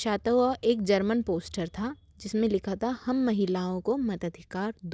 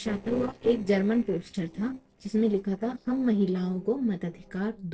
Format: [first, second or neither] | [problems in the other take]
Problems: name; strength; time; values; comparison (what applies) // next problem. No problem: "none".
first | noise reduction (neural separator model SepFormer DNS4)